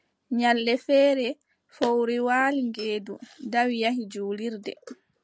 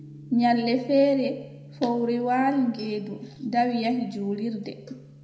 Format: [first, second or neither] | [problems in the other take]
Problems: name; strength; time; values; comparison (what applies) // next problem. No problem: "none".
first | background sound (Gong); 20 dB below the speech // room echo; dies away in 0.8 s